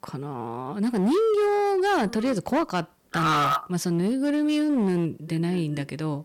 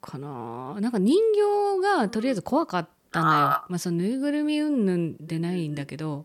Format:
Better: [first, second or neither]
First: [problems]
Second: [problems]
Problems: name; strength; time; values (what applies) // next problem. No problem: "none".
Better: second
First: distortion; slight; 15% of the sound clipped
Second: none